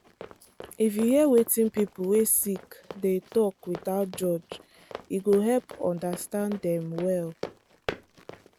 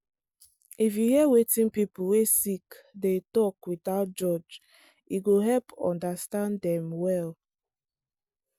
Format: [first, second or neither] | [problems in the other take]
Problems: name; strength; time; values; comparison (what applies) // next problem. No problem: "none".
second | background sound (Run); 16 dB below the speech